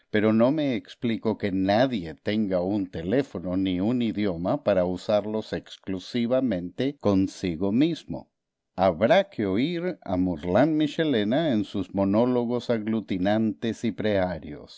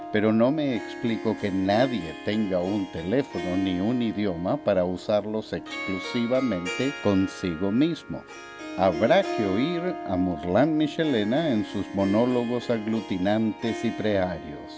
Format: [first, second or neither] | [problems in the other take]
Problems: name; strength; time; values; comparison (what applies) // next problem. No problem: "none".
first | background sound (Harp); 11 dB below the speech